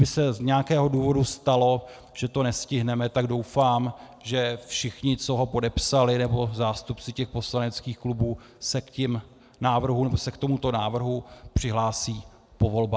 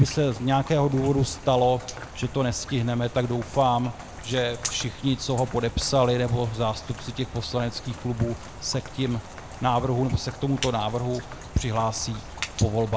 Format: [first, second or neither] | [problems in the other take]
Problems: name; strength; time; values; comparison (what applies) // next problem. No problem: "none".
first | background sound (Rain); 13 dB below the speech